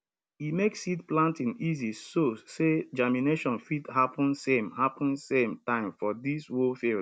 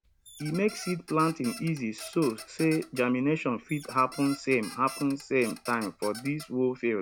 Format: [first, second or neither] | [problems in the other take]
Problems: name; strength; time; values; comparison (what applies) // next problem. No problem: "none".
first | background sound (Squeak); 17 dB below the speech